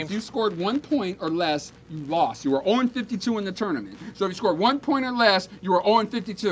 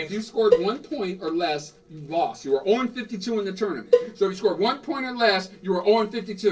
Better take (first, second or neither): first